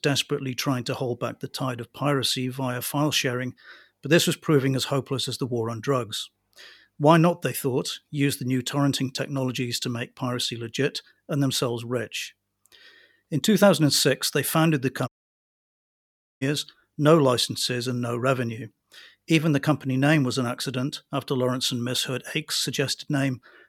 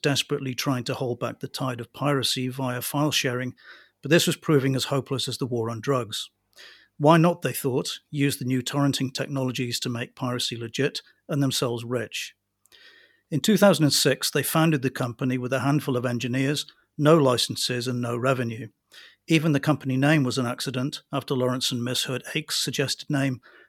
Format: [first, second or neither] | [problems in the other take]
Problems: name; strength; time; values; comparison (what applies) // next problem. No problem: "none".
second | audio cutting out; at 15 s for 1.5 s